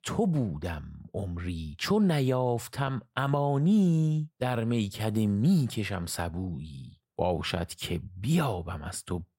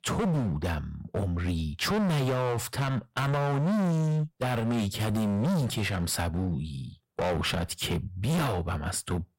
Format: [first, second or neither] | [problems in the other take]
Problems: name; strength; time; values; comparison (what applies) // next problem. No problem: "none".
first | distortion; heavy; 26% of the sound clipped